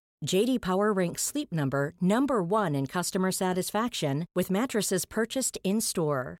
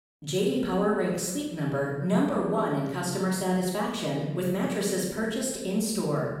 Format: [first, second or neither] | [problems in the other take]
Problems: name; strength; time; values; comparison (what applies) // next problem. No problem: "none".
first | off-mic speech; far // room echo; noticeable; dies away in 1 s